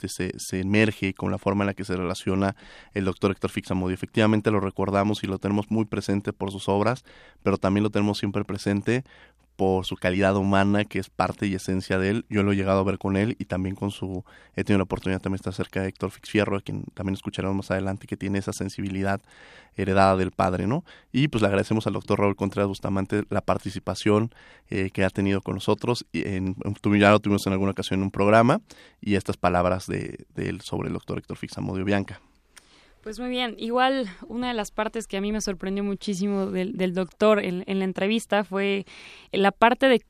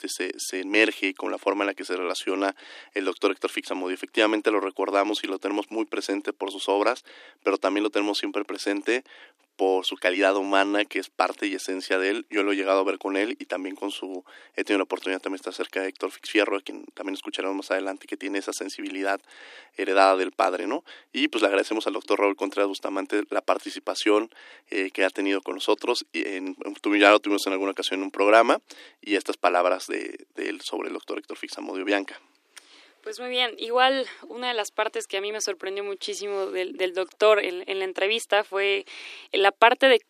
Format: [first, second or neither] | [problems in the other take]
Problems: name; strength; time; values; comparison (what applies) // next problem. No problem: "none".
first | thin; somewhat; fading below 300 Hz